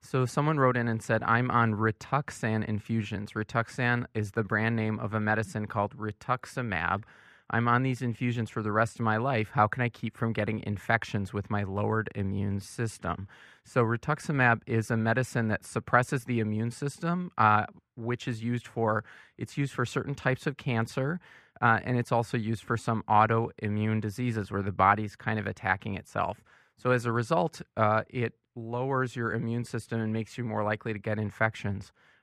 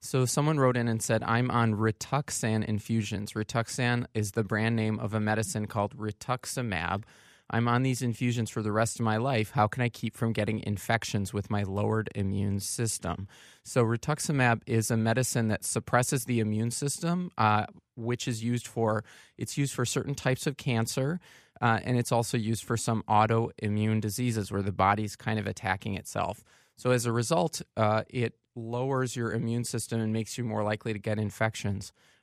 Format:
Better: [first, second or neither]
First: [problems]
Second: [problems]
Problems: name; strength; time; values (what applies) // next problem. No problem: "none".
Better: second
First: muffled; slightly; fading above 4 kHz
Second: none